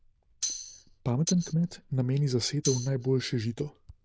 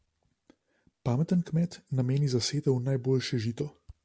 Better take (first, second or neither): second